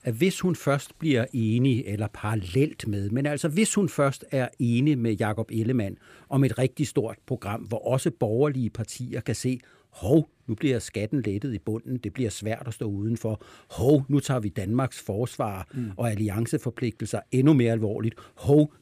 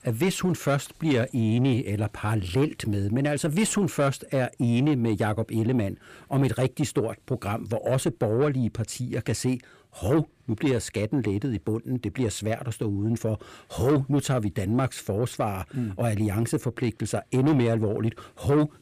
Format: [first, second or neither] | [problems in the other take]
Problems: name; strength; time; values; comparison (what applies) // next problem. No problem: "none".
first | distortion; slight; 10 dB below the speech